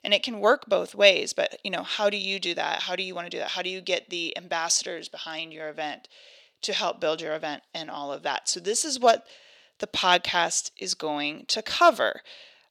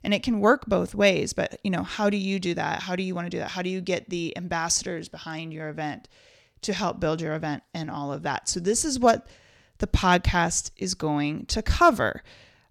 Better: second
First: thin; somewhat; fading below 400 Hz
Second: none

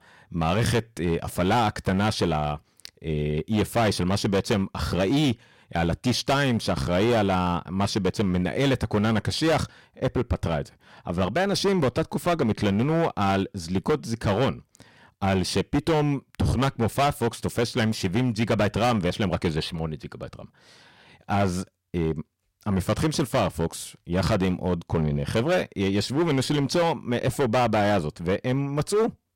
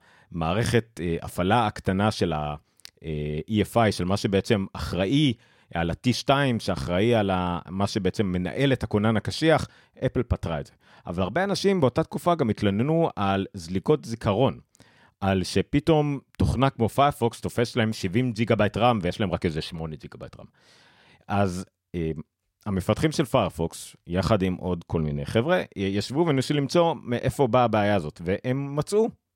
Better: second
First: distortion; heavy; 12% of the sound clipped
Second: none

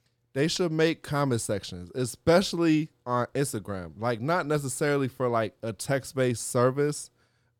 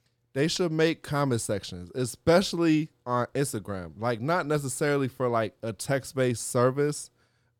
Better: neither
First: none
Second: none

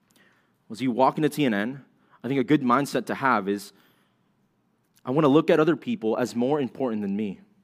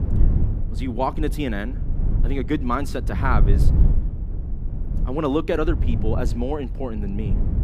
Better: first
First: none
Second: low rumble; noticeable; throughout; 10 dB below the speech

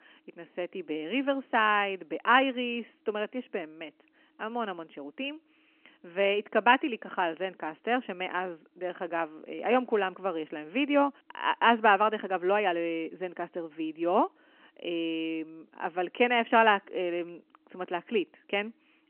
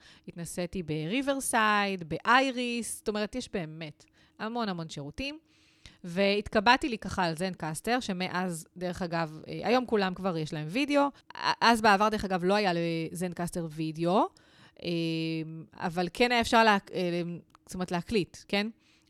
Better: second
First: phone-call audio; nothing above 3 kHz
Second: none

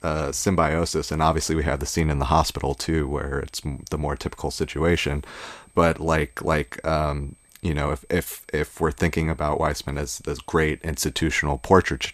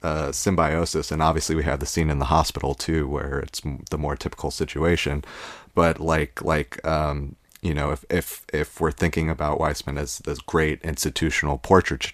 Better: second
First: high-pitched whine; faint; throughout; 8.5 kHz, 30 dB below the speech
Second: none

